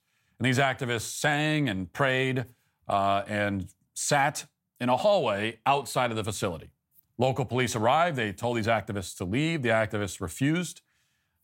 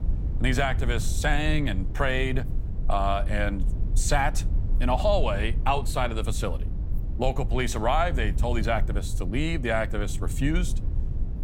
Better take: first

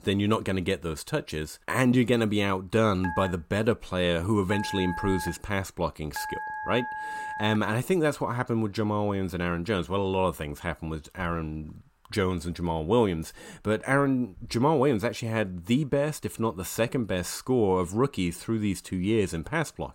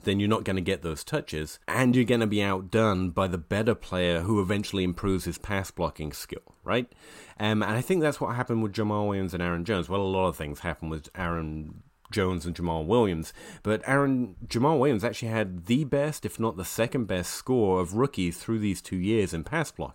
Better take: second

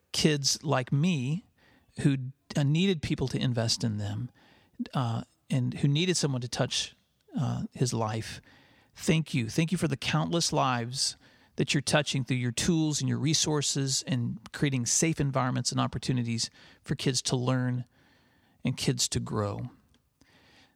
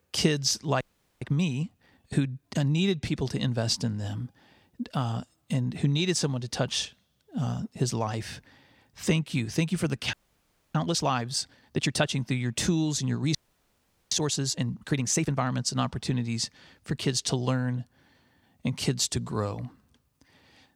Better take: first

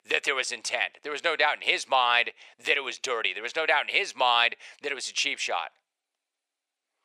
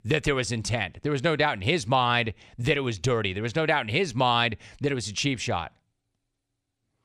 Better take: second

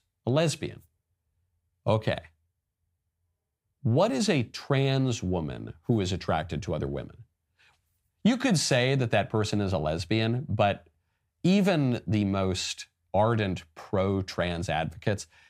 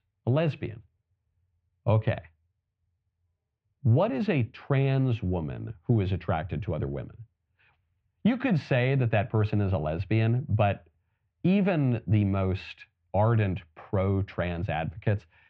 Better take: first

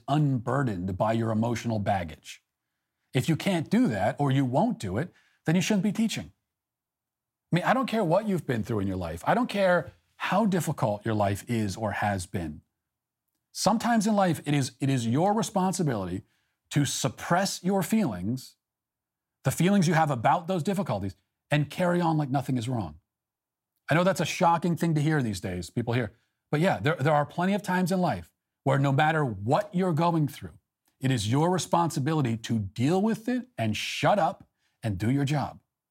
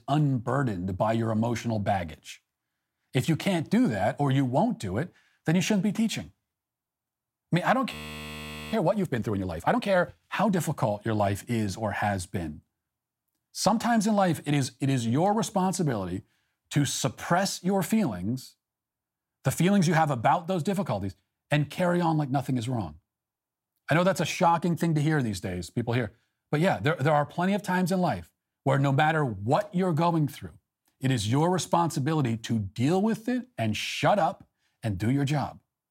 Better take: first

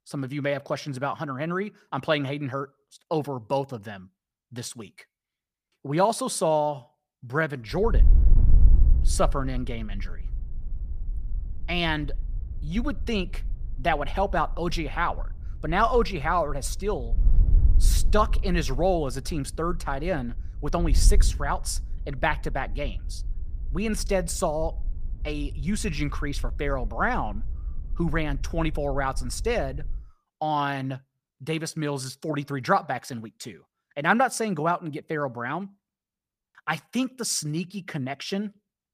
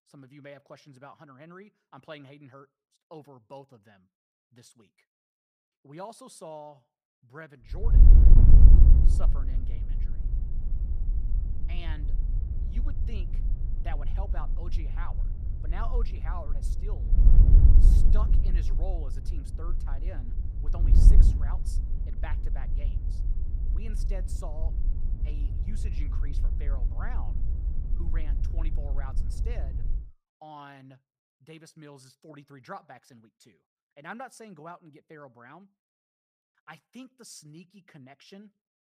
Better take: first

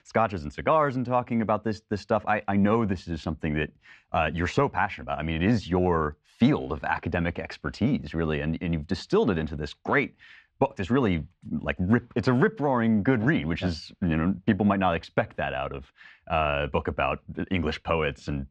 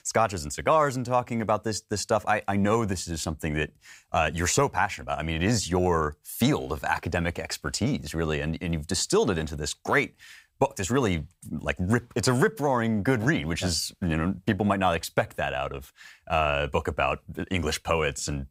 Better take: second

